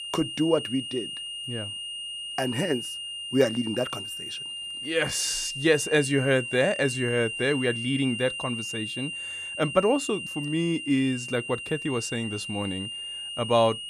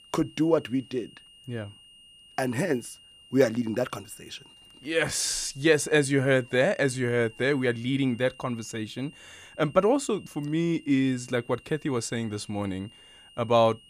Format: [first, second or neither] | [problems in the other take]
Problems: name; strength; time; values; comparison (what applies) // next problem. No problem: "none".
second | high-pitched whine; loud; throughout; 3 kHz, 6 dB below the speech; faint in the second